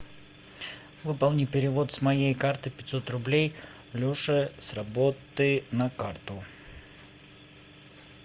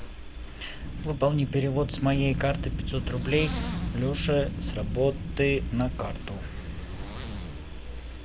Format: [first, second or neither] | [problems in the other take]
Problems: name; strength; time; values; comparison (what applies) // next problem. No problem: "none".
first | background sound (Zipper (clothing) + Wind); 4 dB below the speech